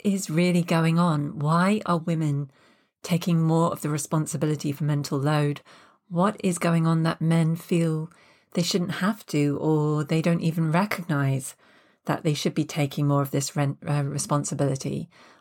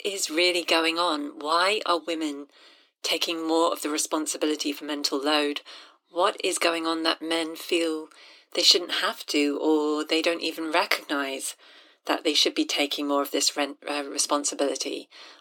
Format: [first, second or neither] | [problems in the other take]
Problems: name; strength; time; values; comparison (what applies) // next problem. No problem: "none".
first | thin; somewhat; fading below 300 Hz